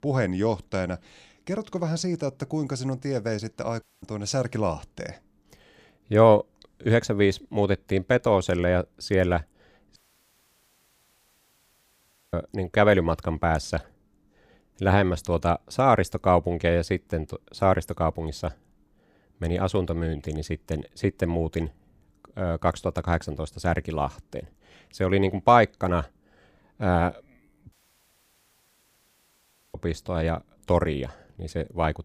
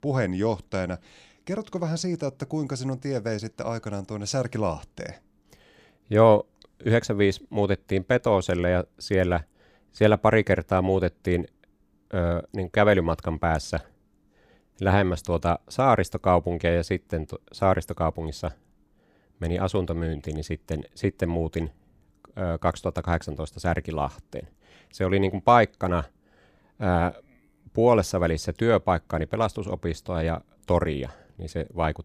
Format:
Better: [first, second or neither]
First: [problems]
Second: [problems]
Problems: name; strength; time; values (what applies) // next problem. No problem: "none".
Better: second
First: audio cutting out; at 4 s, at 10 s for 2.5 s and at 28 s for 2 s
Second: none